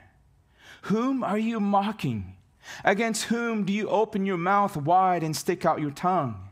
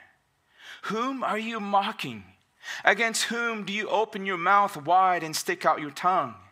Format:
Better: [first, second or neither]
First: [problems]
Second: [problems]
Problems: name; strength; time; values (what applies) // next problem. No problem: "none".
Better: first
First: none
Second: thin; somewhat; fading below 650 Hz